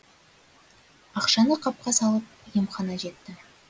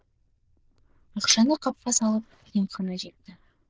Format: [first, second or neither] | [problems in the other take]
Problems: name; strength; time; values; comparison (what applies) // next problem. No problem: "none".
first | noise reduction (neural diffusion model UNIVERSE++)